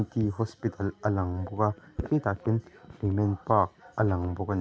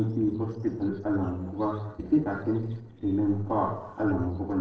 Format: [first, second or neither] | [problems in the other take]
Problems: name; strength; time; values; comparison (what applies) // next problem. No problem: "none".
first | noise reduction (neural separator model SepFormer DNS4)